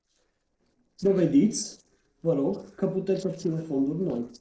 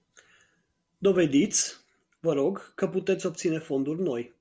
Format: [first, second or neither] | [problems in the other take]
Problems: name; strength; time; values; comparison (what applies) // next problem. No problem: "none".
second | noise reduction (neural separator model SepFormer DNS4)